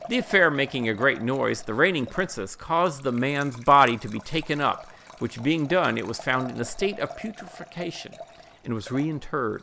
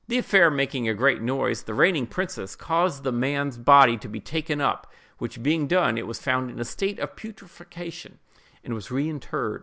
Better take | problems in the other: second | background sound (Liquid); 19 dB below the speech

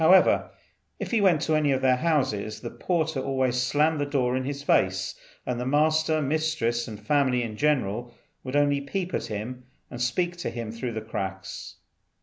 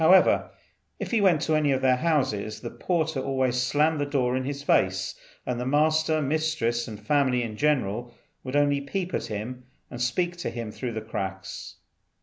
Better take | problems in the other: second | background sound (Brass instrument); 19 dB below the speech

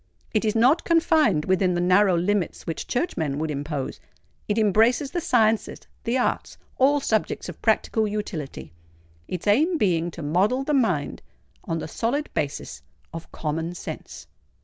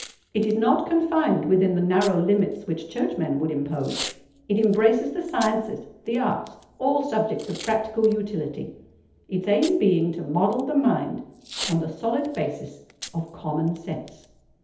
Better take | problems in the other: first | background sound (Packing tape, duct tape / Tearing); 19 dB below the speech // room echo; dies away in 0.8 s

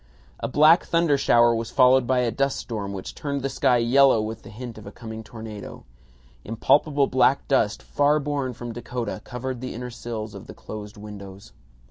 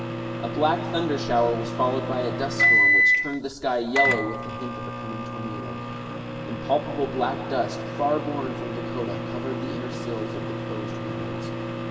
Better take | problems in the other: first | background sound (Microwave oven); 2 dB above the speech // room echo; dies away in 2.1 s

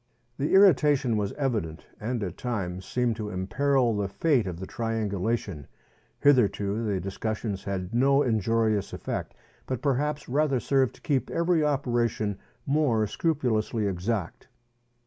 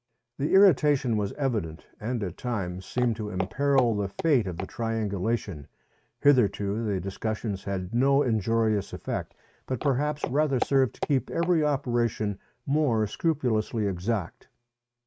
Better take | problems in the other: first | noise reduction (neural mask model RNNoise)

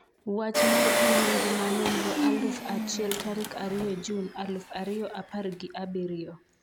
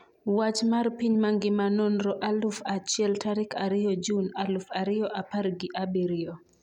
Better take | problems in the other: second | background sound (Engine); 2 dB above the speech

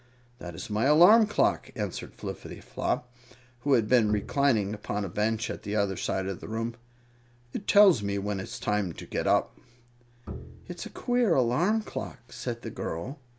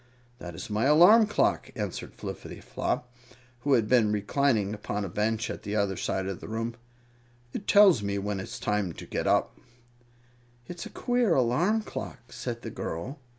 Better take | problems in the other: second | background sound (Bowed string instrument); 14 dB below the speech

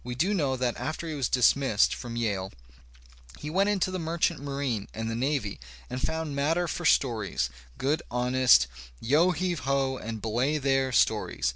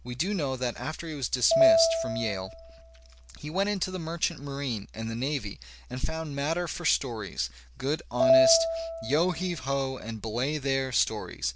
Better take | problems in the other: first | background sound (Piano); 4 dB above the speech

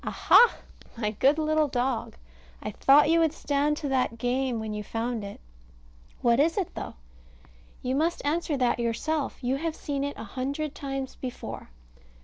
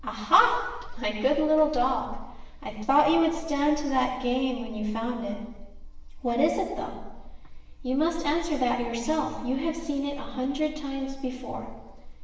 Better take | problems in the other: first | room echo; dies away in 1.1 s

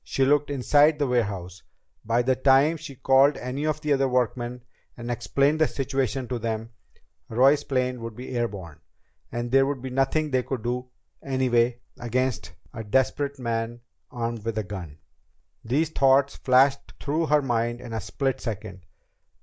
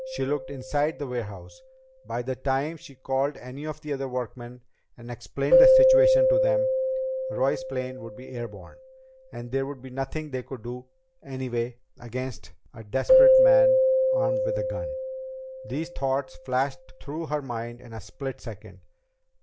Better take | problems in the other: first | background sound (Keyboard (musical)); 4 dB above the speech

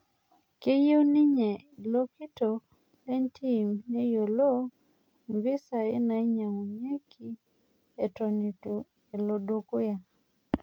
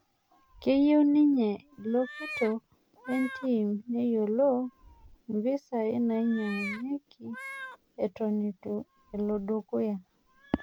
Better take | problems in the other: first | background sound (Meow); 17 dB below the speech

